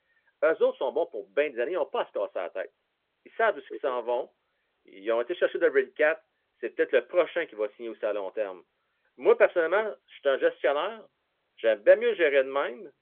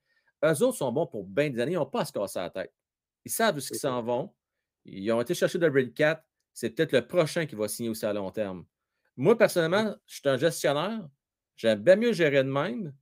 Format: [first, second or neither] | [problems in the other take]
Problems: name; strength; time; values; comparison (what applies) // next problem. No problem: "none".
second | phone-call audio; nothing above 3.5 kHz